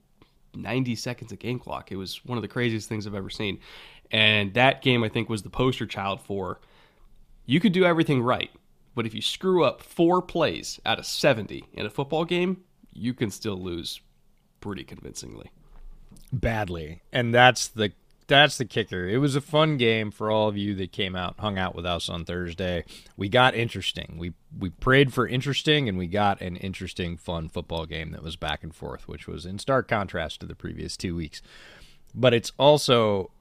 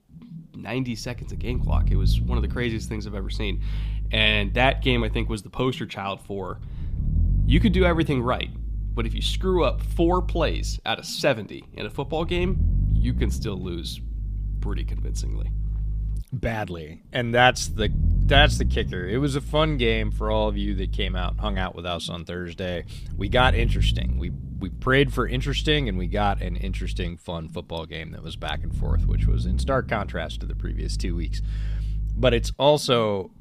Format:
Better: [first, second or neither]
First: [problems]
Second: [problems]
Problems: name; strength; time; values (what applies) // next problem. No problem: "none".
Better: first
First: none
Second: low rumble; noticeable; throughout; 20 dB below the speech